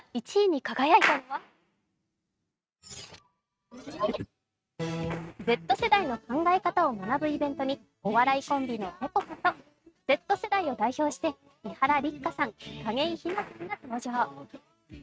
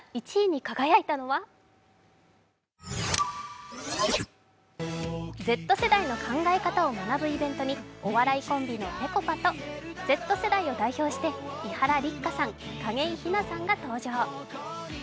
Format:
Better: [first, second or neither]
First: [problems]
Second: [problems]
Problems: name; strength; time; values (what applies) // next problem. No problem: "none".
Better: second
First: noise reduction (neural mask model RNNoise)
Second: none